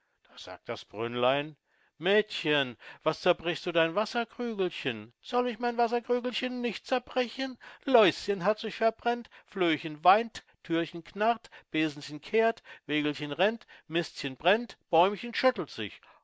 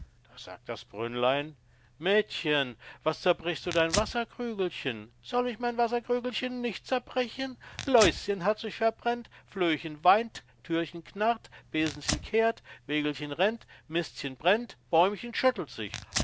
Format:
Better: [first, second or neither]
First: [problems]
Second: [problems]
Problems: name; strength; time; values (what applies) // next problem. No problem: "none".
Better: first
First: none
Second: background sound (Tearing); 13 dB below the speech